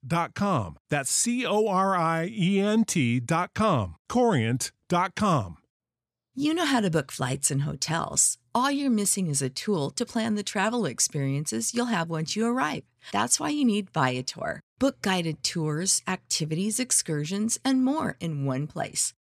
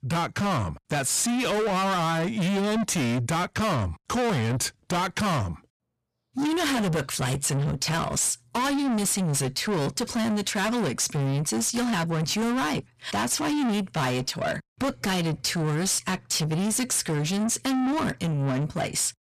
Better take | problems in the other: first | distortion; heavy; 6 dB below the speech

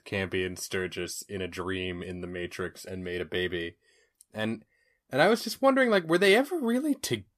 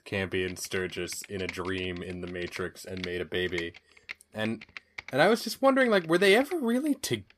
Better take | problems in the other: first | keyboard typing; faint; until 7 s; peak 10 dB below the speech

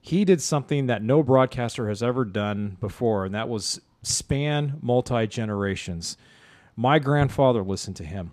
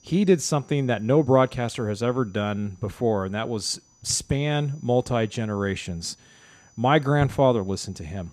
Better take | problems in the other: first | high-pitched whine; faint; throughout; 6 kHz, 30 dB below the speech

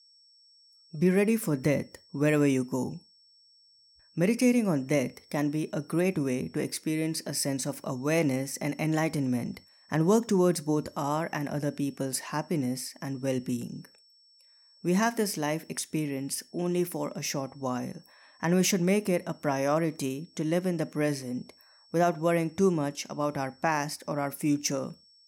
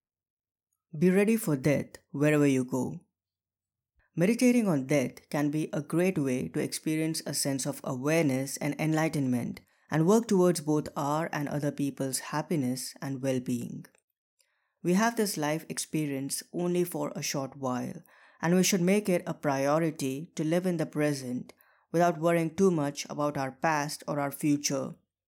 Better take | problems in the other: second | high-pitched whine; faint; throughout; 5.5 kHz, 30 dB below the speech

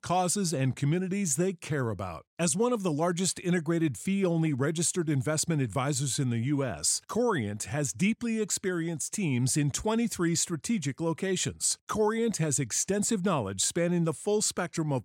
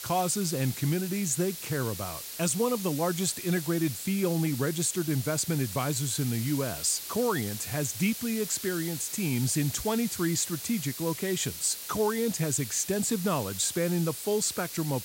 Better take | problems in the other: first | hiss; loud; throughout; 8 dB below the speech

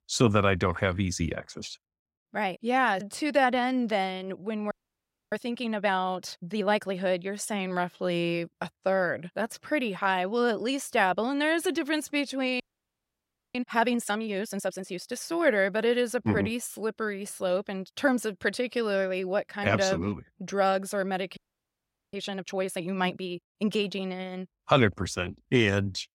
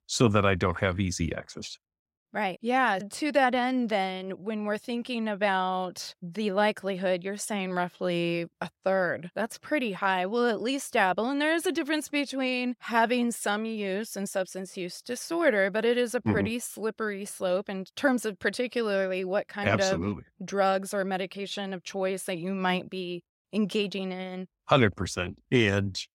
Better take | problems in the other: second | audio freezing; at 4.5 s for 0.5 s, at 13 s for 1 s and at 21 s for 1 s

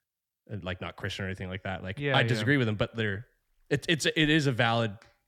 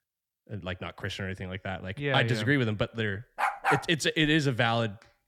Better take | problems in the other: first | dog barking; loud; at 3.5 s; peak 1 dB above the speech

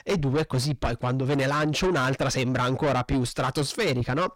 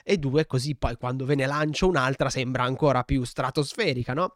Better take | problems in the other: second | distortion; heavy; 6 dB below the speech

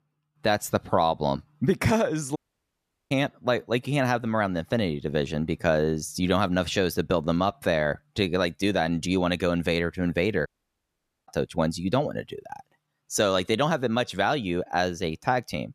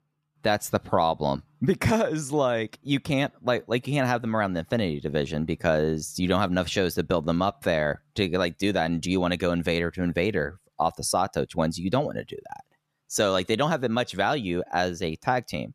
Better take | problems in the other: second | audio cutting out; at 2.5 s for 1 s and at 10 s for 1 s

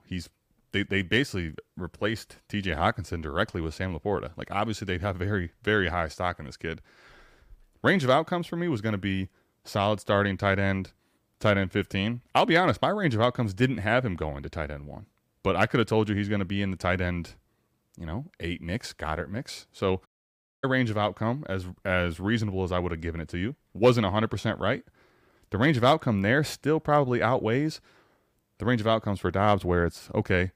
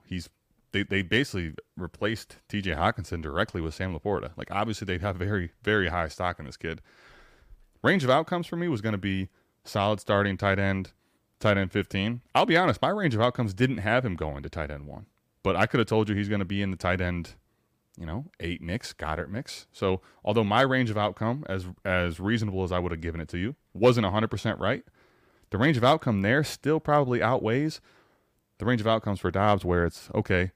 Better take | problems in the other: second | audio cutting out; at 20 s for 0.5 s

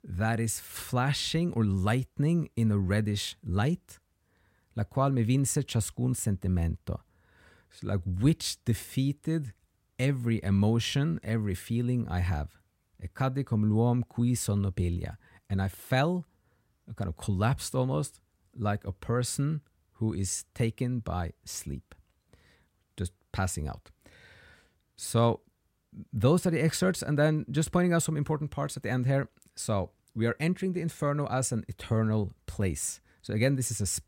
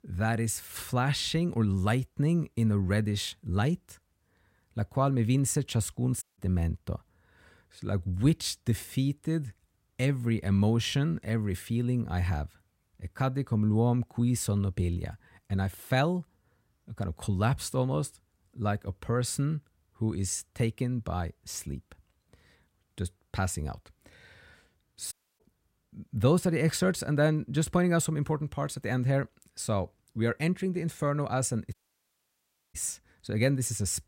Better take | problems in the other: first | audio cutting out; at 6 s, at 25 s and at 32 s for 1 s

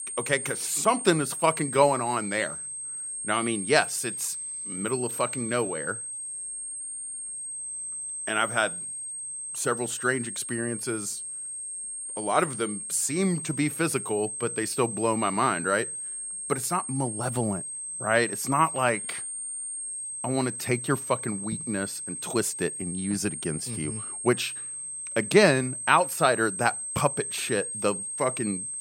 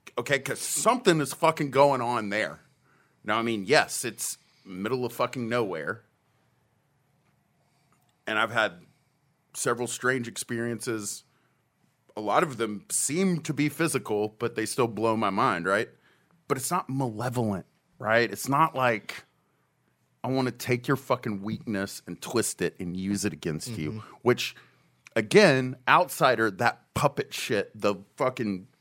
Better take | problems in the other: second | high-pitched whine; loud; throughout; 8.5 kHz, 5 dB below the speech

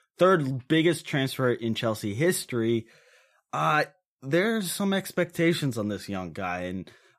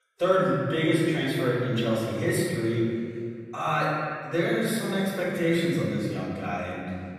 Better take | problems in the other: first | off-mic speech; far // room echo; strong; dies away in 2 s

